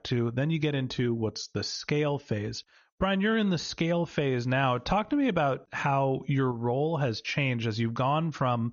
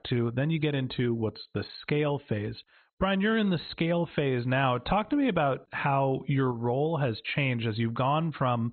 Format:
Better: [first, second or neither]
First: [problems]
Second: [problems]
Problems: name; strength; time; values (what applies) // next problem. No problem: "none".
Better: first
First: garbled, watery; slightly; nothing above 6.5 kHz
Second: garbled, watery; badly; nothing above 4 kHz